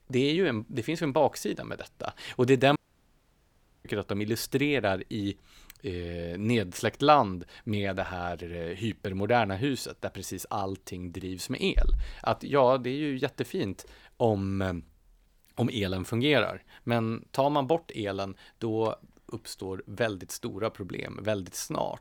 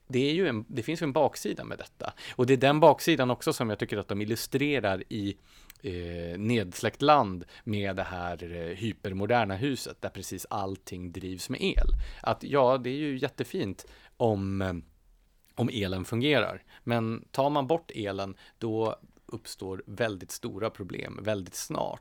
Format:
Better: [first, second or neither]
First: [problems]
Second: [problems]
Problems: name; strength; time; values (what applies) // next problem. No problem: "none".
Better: second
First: audio cutting out; at 3 s for 1 s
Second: none